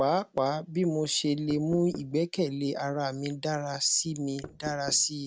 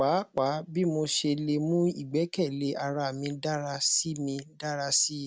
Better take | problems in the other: second | background sound (Knock); 14 dB below the speech

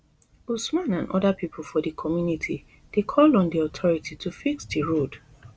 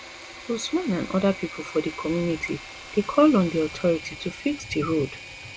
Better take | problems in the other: first | background sound (Engine / Mechanisms); 15 dB below the speech

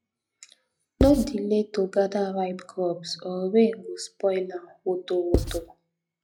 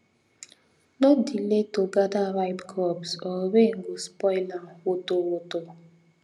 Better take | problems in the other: second | noise reduction (classical method log-MMSE)

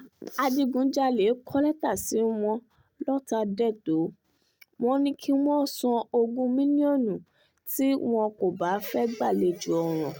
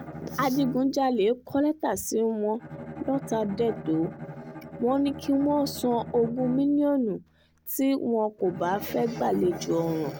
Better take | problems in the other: first | background sound (Bowed string instrument); 13 dB below the speech

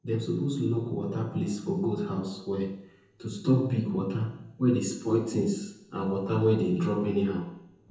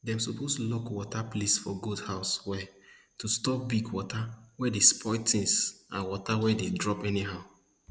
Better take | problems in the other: second | room echo; dies away in 0.7 s

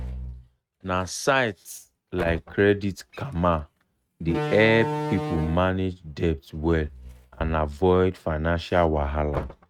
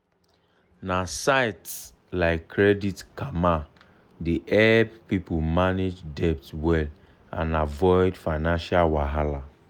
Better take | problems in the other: second | noise reduction (neural mask model RNNoise)

